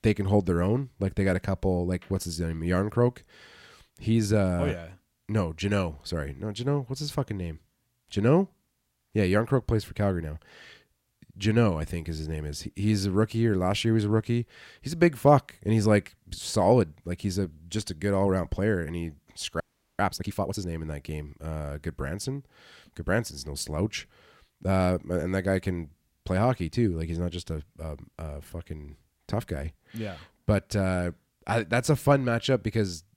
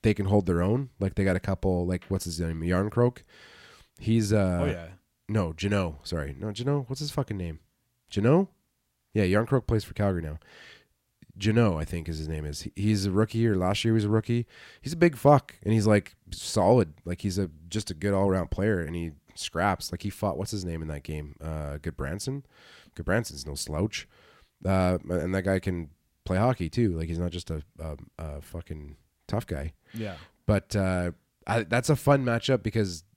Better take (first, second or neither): second